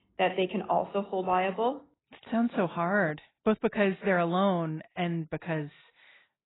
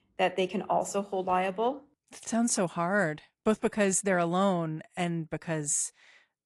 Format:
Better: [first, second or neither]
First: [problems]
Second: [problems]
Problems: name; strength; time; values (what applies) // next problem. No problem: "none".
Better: second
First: garbled, watery; badly; nothing above 4 kHz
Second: garbled, watery; slightly